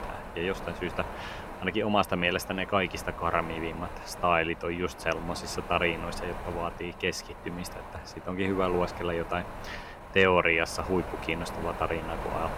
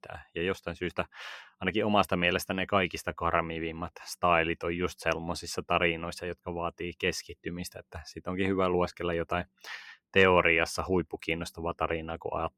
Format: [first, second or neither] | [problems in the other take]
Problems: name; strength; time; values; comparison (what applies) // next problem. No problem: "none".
second | wind noise on the microphone; occasional gusts; 10 dB below the speech